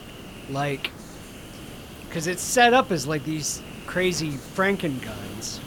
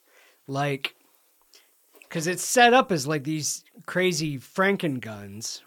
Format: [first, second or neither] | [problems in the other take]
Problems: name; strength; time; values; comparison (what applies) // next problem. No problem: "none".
second | hiss; noticeable; throughout; 15 dB below the speech